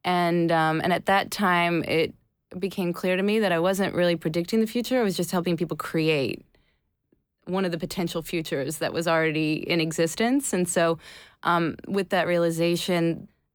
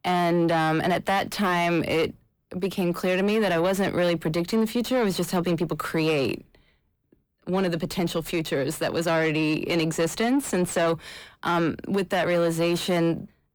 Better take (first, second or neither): first